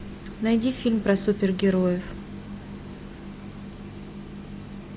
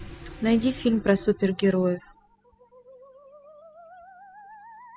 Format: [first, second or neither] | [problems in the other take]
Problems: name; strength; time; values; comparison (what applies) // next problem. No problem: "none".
first | noise reduction (classical method spectral subtraction)